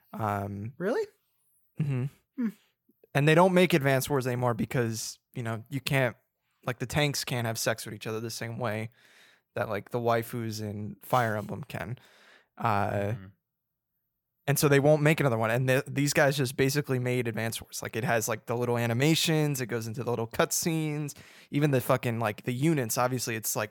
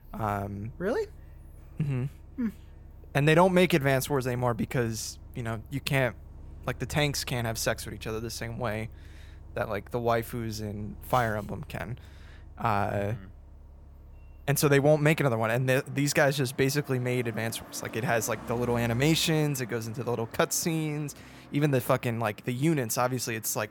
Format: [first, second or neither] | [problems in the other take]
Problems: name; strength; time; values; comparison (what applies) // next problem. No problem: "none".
first | traffic noise; faint; throughout; 20 dB below the speech